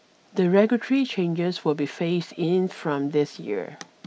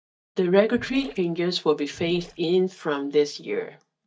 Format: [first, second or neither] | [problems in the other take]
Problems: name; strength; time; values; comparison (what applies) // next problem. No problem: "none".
first | noise reduction (neural mask model DeepFilterNet 3)